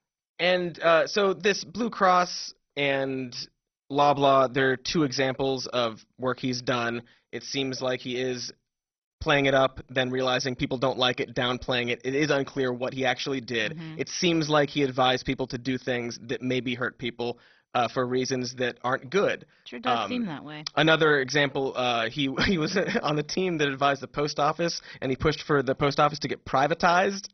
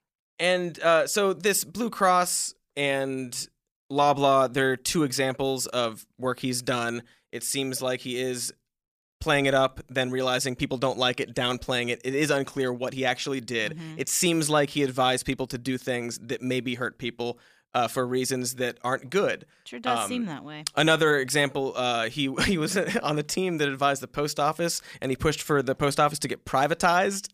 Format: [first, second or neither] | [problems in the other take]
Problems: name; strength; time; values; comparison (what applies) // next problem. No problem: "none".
second | garbled, watery; badly; nothing above 6 kHz